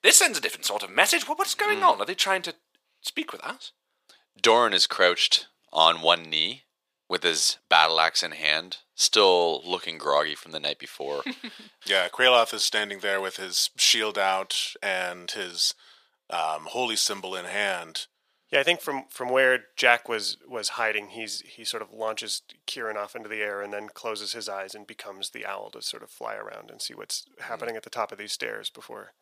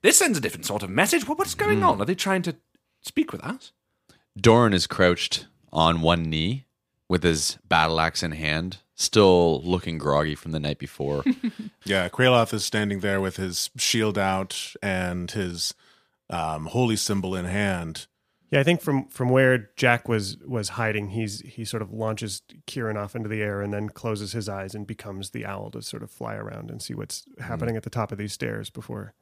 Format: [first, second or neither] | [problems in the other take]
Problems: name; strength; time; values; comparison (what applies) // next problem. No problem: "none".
second | thin; very; fading below 600 Hz